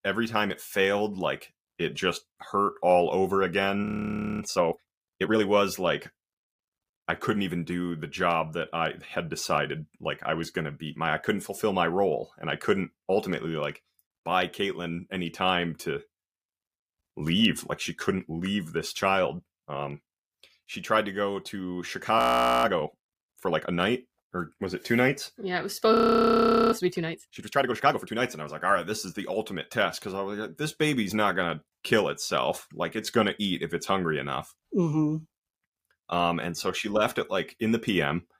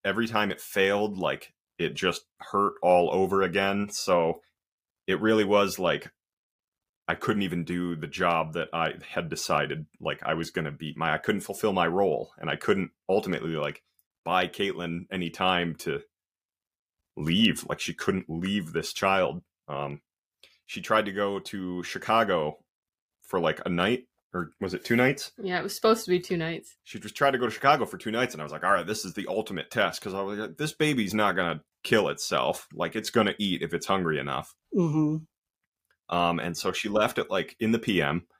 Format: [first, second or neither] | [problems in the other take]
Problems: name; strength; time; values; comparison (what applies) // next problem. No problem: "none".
second | audio freezing; at 4 s for 0.5 s, at 22 s and at 26 s for 1 s